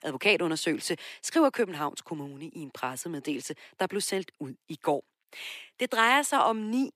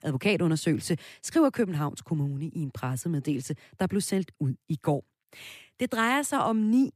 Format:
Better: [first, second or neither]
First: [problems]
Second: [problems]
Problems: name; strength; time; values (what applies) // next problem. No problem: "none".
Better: second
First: thin; somewhat; fading below 400 Hz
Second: none